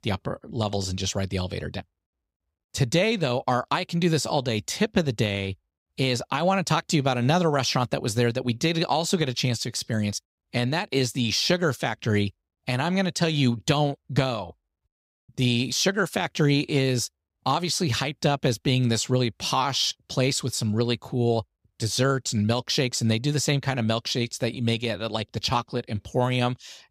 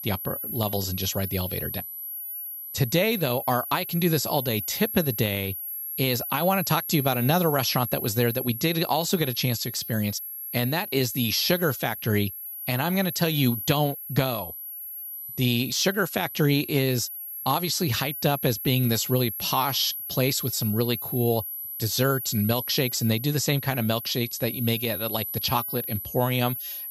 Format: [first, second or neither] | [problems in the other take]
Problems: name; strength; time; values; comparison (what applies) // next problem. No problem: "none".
first | high-pitched whine; loud; throughout; 11.5 kHz, 6 dB below the speech